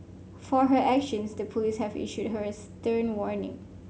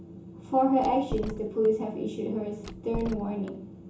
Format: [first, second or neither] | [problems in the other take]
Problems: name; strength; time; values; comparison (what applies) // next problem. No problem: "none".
first | background sound (Door); 11 dB below the speech // room echo; dies away in 0.7 s